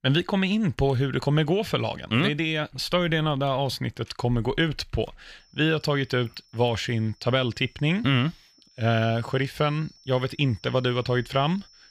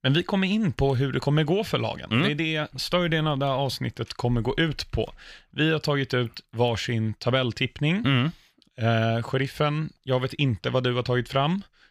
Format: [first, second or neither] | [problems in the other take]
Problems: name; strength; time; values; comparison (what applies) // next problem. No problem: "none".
second | high-pitched whine; faint; from 5.5 s on; 5.5 kHz, 30 dB below the speech